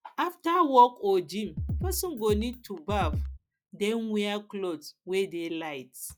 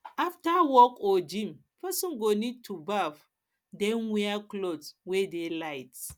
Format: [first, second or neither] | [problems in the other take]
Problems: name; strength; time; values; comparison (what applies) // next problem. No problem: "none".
second | noise reduction (classical method log-MMSE)